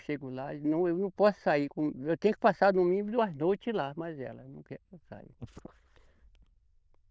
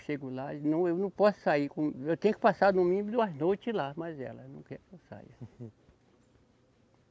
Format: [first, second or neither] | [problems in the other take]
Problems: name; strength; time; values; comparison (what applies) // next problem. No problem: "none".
second | noise reduction (neural diffusion model UNIVERSE++)